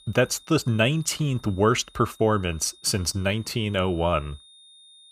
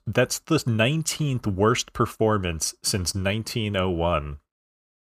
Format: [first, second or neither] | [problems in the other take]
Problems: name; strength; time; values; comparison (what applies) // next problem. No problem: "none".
second | high-pitched whine; faint; throughout; 3.5 kHz, 25 dB below the speech